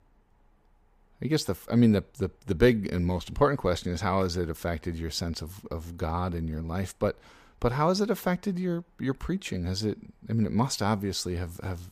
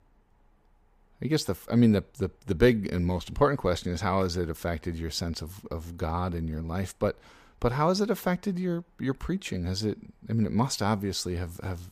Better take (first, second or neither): neither